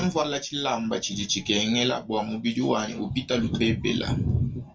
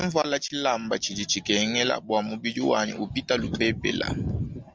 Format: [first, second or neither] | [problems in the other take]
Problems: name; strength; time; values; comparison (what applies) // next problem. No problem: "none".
second | room echo; dies away in 0.2 s